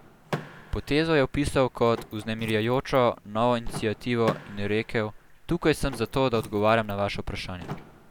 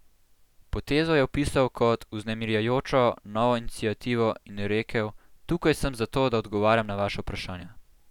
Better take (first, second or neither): second